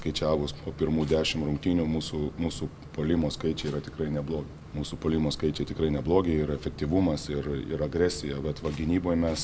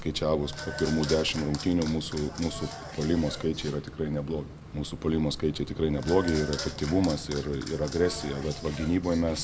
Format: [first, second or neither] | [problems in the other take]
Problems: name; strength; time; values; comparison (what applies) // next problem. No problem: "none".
first | background sound (Applause / Clapping); 12 dB below the speech